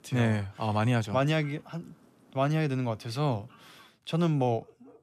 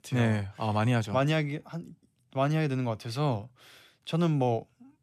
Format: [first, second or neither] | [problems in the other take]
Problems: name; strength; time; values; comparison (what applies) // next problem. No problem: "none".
second | animal sounds; faint; throughout; 30 dB below the speech